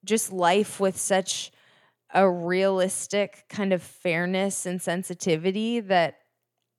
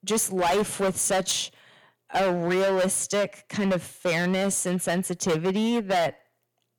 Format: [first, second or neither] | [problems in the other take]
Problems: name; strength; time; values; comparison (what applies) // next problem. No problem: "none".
first | distortion; heavy; 17% of the sound clipped